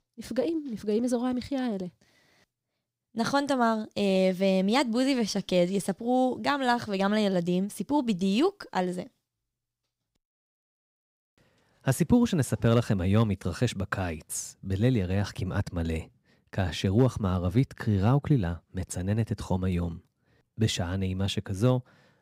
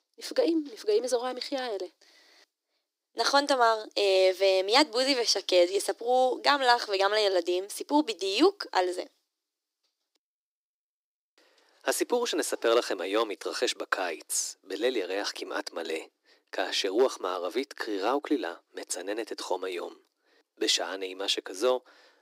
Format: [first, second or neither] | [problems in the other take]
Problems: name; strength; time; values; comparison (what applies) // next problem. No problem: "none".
first | thin; very; fading below 300 Hz